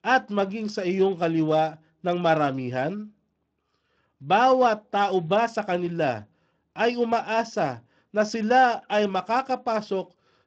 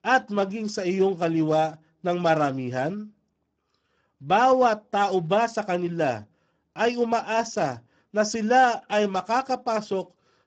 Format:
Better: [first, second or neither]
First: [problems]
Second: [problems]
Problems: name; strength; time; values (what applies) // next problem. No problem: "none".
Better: first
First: garbled, watery; slightly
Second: garbled, watery; badly